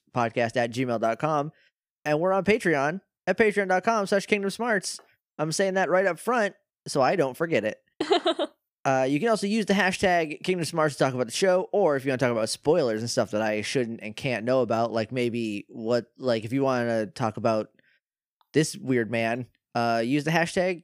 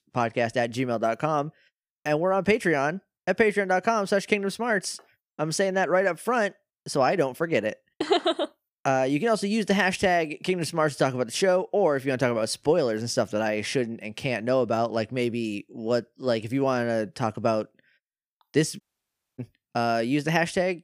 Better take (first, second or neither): first